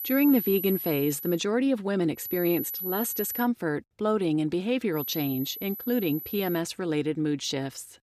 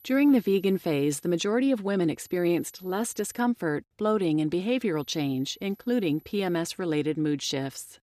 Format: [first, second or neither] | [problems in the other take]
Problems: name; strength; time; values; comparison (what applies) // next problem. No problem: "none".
second | high-pitched whine; loud; until 1.5 s, from 2 to 3.5 s and from 5 to 6.5 s; 12 kHz, 6 dB below the speech; faint in the second